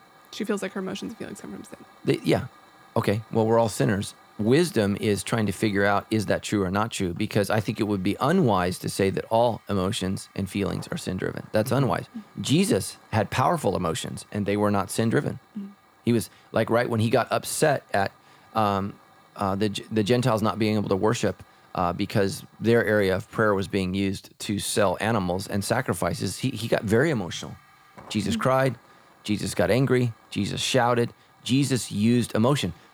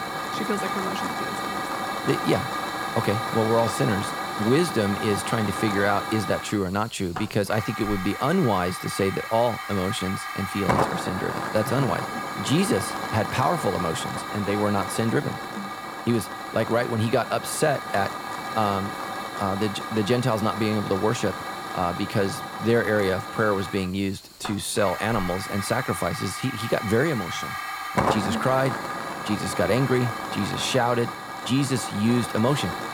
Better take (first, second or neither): first